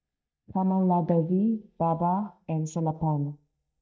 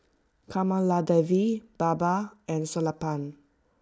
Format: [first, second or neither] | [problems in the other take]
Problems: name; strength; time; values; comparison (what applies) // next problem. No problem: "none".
second | noise reduction (neural mask model DeepFilterNet 3)